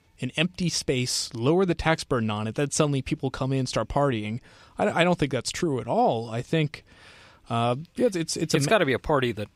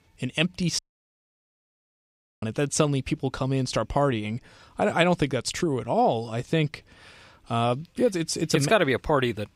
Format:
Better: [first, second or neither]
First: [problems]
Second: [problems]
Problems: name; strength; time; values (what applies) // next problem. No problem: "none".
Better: first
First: none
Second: audio cutting out; at 1 s for 1.5 s